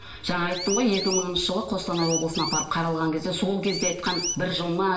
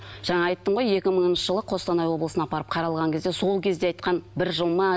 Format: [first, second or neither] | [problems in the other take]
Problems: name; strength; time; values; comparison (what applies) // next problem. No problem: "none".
second | background sound (Chirp, tweet); 7 dB below the speech // room echo; dies away in 0.8 s